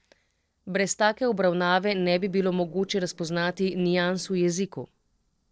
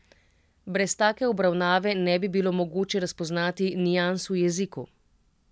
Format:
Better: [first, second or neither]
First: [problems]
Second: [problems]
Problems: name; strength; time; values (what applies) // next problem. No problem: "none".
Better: second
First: noise reduction (neural separator model SepFormer DNS4)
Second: none